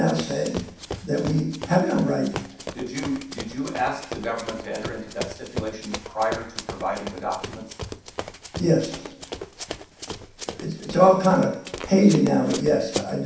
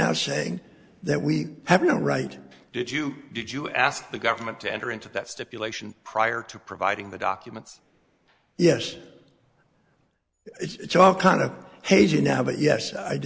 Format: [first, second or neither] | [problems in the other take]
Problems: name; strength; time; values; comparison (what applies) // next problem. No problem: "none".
second | background sound (Run); 11 dB below the speech // room echo; dies away in 0.7 s